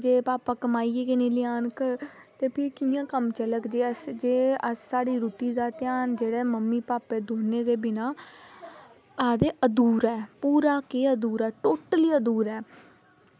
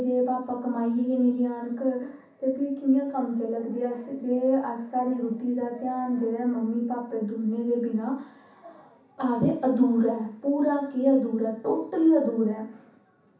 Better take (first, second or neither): first